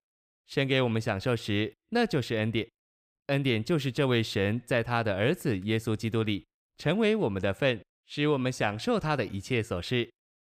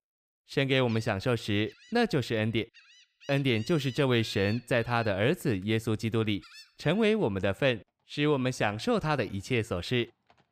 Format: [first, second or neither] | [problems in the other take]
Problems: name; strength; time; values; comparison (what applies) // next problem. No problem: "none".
first | animal sounds; faint; throughout; 20 dB below the speech